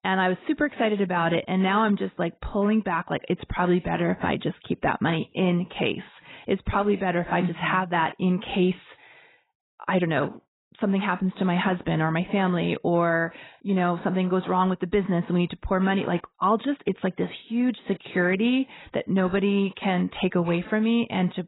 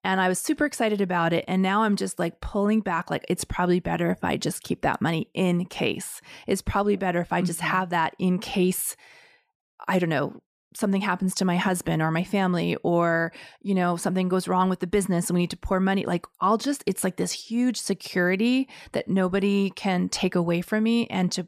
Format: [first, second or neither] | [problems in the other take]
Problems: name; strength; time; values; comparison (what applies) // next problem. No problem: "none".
second | garbled, watery; badly; nothing above 4 kHz